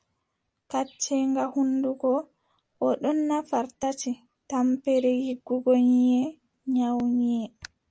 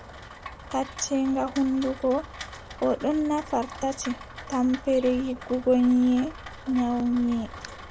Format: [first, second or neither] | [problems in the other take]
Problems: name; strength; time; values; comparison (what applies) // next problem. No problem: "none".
first | background sound (Rain); 15 dB below the speech